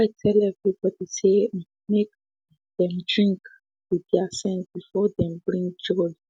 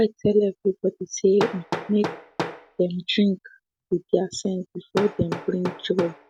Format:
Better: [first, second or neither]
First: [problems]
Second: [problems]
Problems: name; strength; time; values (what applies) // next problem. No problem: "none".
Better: first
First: none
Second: background sound (Hammer); 11 dB below the speech